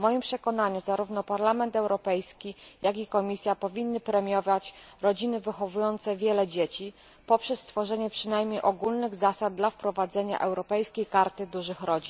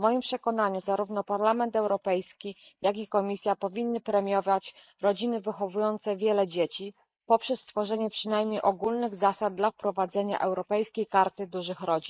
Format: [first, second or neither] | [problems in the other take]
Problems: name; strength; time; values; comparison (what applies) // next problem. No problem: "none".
first | noise reduction (neural mask model Resemble Enhance denoiser)